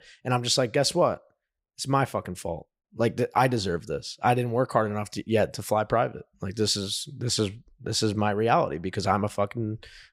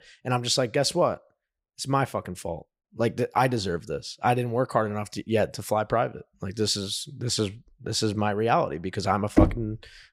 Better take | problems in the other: first | door banging; loud; at 9.5 s; peak 4 dB above the speech

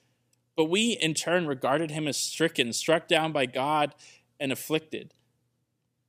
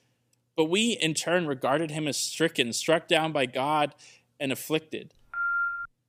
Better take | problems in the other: first | phone ringing; noticeable; at 5.5 s; peak level with the speech

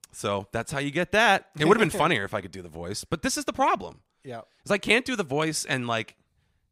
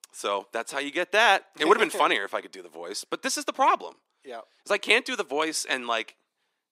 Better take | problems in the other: first | thin; somewhat; fading below 300 Hz

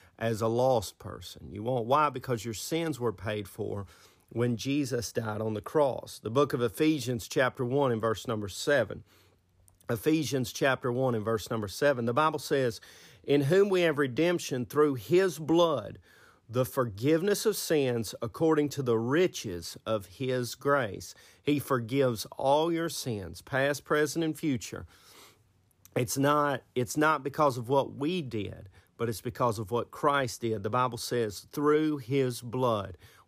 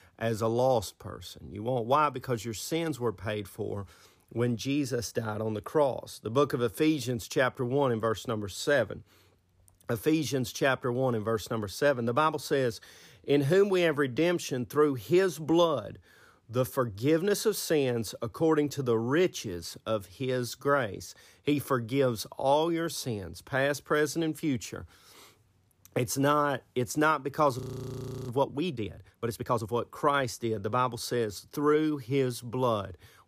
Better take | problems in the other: first | audio freezing; at 28 s for 0.5 s

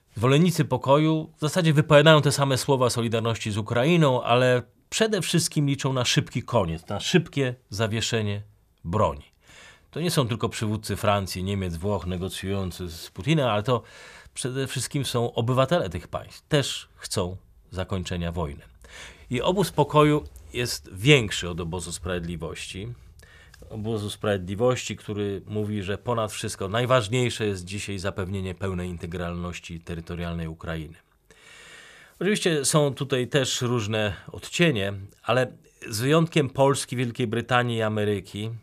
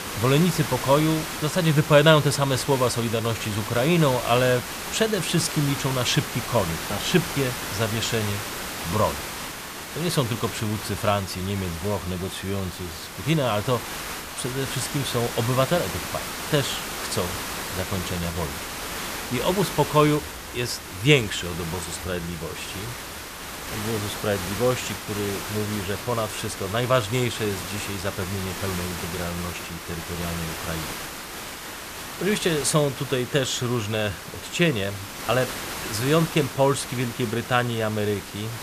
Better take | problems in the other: first | hiss; loud; throughout; 7 dB below the speech

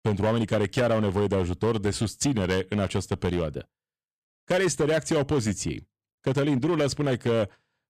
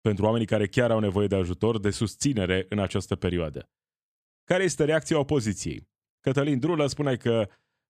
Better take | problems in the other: second | distortion; slight; 10% of the sound clipped

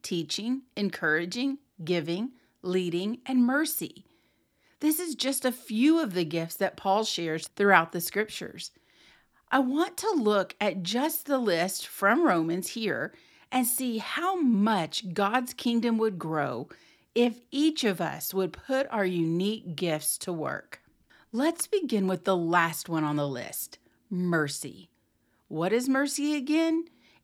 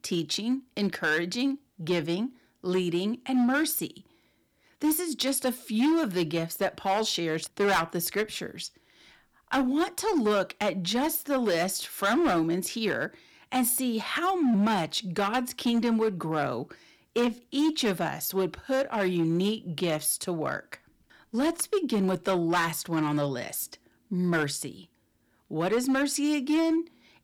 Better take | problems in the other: first | distortion; slight; 7% of the sound clipped

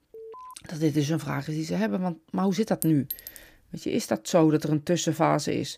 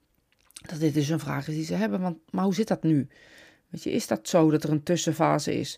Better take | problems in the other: second | alarm; faint; at the start; peak 15 dB below the speech // clattering dishes; noticeable; at 3 s; peak 8 dB below the speech

